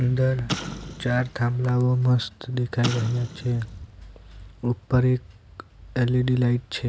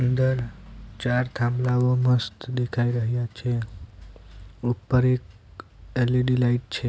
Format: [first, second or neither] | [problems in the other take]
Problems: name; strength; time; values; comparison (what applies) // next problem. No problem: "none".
second | background sound (Explosion); 12 dB below the speech